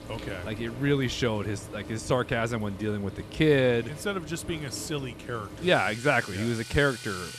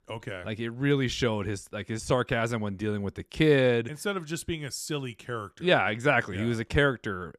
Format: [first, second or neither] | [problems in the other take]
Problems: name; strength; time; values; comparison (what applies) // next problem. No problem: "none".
second | household noises; noticeable; throughout; 15 dB below the speech